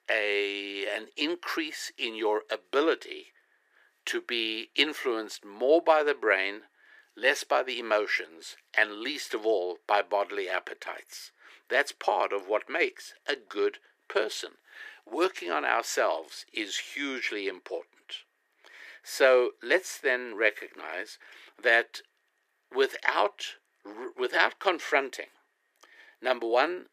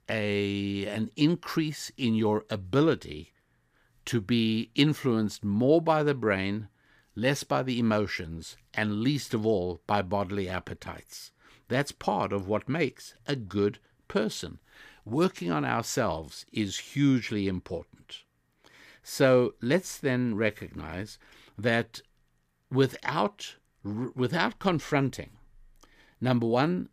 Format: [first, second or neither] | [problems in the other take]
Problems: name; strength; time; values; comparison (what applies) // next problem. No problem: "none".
second | thin; very; fading below 350 Hz